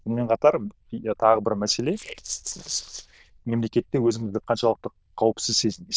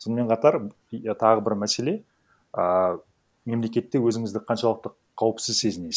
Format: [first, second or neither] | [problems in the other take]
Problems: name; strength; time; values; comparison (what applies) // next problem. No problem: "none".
second | noise reduction (neural diffusion model UNIVERSE++)